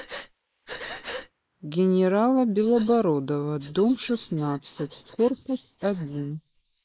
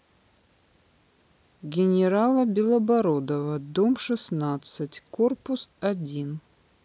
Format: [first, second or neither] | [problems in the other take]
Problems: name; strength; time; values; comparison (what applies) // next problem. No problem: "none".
second | noise reduction (neural mask model Resemble Enhance denoiser)